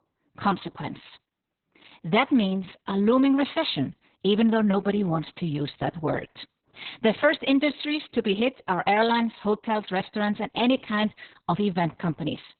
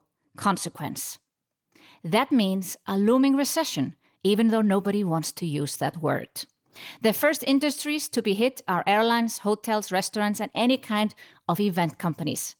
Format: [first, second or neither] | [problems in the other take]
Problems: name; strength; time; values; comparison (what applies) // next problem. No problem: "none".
second | garbled, watery; badly; nothing above 4 kHz; slightly in the second